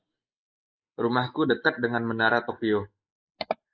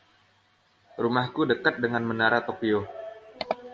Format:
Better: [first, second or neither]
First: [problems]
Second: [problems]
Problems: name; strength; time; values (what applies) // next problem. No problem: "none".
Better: second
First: noise reduction (neural mask model Resemble Enhance denoiser)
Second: none